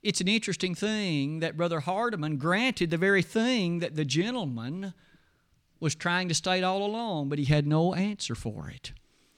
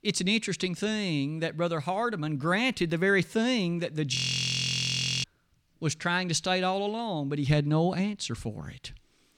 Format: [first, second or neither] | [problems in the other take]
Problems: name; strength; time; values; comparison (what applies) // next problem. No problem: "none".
first | audio freezing; at 4 s for 1 s